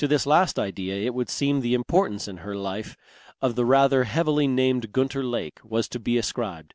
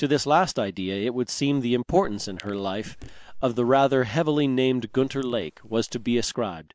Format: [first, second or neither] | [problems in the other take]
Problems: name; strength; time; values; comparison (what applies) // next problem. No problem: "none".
first | noise reduction (neural mask model Resemble Enhance denoiser)